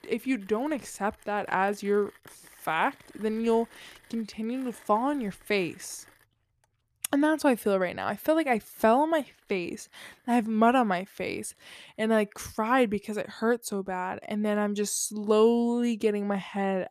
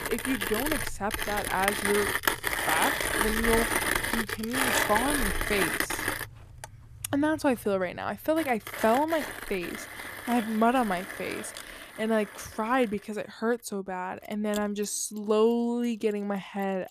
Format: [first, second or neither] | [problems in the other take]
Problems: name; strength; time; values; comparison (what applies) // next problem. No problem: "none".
first | machinery noise; loud; throughout; as loud as the speech; faint in the first